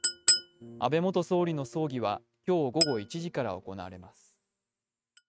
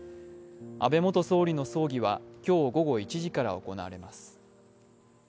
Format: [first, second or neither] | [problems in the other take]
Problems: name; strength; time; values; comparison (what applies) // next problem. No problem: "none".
second | noise reduction (neural mask model RNNoise)